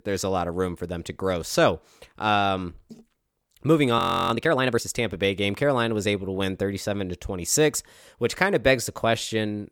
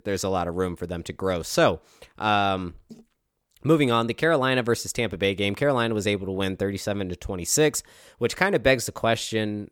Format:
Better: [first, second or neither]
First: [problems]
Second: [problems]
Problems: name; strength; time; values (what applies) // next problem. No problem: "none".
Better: second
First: audio freezing; at 4 s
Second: none